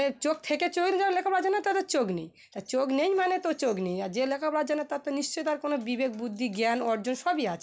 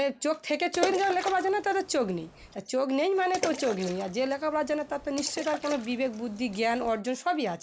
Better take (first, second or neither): first